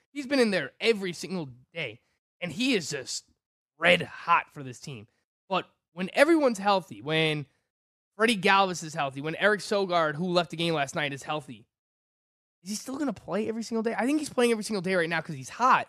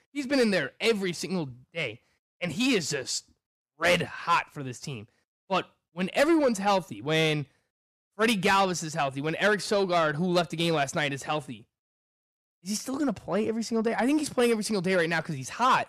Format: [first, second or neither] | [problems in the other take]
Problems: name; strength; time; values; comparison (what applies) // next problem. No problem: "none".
first | distortion; slight; 10 dB below the speech